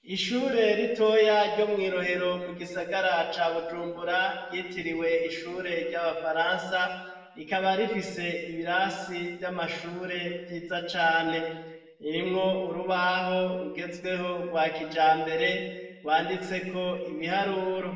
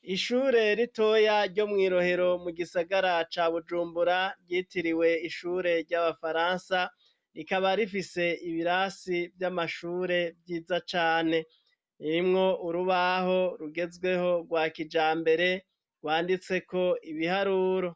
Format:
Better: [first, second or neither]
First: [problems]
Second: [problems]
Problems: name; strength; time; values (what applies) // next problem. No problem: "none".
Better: second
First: room echo; dies away in 1.1 s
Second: none